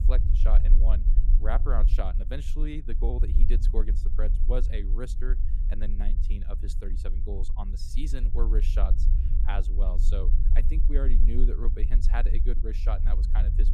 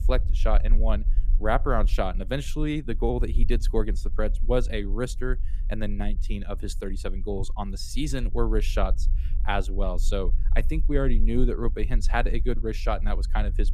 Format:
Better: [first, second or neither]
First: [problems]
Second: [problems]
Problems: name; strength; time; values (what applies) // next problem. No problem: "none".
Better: second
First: low rumble; loud; throughout; 9 dB below the speech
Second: low rumble; faint; throughout; 20 dB below the speech